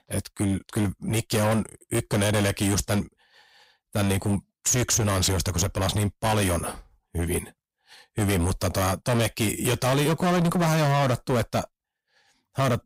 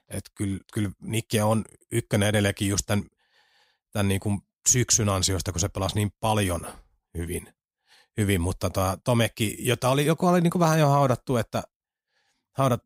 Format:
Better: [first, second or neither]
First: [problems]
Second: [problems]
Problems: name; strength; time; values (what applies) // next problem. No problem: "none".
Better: second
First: distortion; heavy; 6 dB below the speech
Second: none